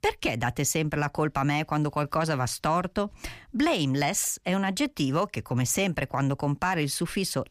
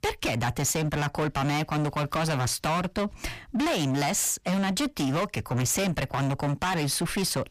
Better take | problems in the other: first | distortion; heavy; 27% of the sound clipped

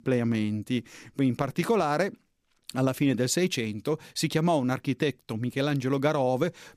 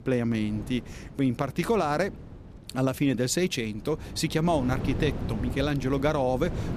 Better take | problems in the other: first | wind noise on the microphone; occasional gusts; 15 dB below the speech

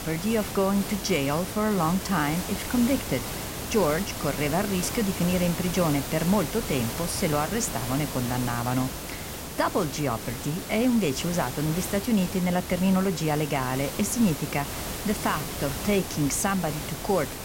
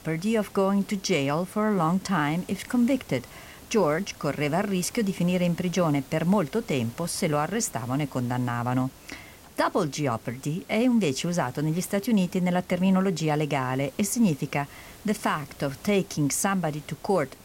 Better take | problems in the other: second | hiss; loud; throughout; 6 dB below the speech; faint in the second

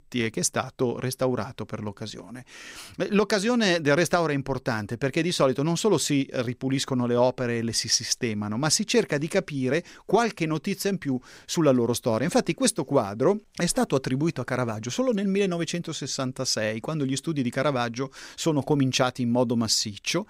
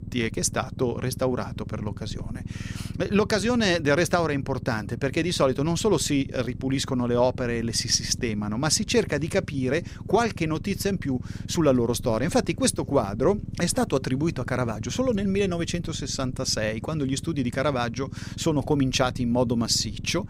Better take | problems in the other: first | low rumble; faint; throughout; 20 dB below the speech

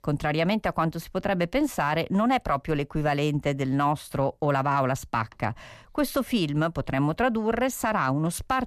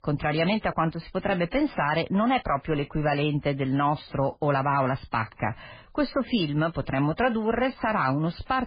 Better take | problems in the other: first | garbled, watery; badly; nothing above 5 kHz

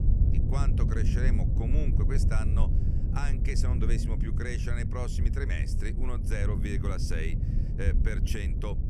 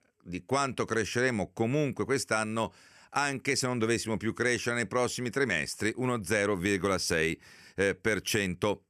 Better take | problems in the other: second | low rumble; loud; throughout; 4 dB below the speech

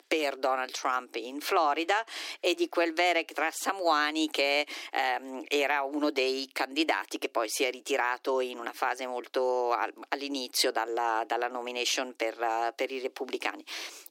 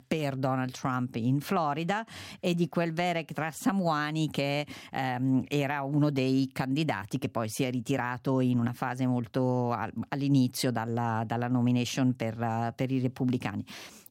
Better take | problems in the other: second | thin; very; fading below 300 Hz

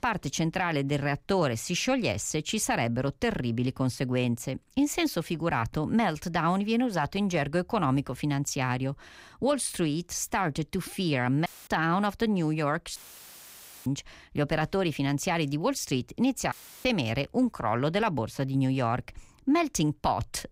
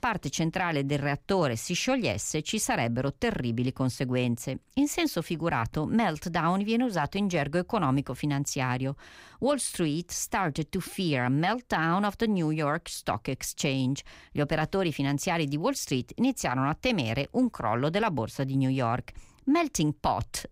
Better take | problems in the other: second | audio cutting out; filled with static; at 11 s, at 13 s for 1 s and at 17 s

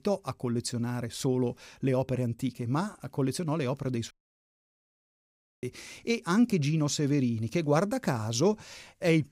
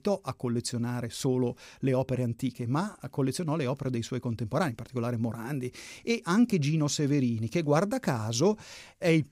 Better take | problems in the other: second | audio cutting out; at 4 s for 1.5 s

